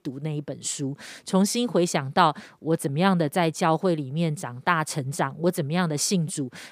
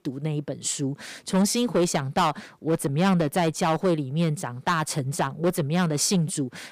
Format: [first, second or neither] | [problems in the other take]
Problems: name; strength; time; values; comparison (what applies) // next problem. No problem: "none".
first | distortion; slight; 5% of the sound clipped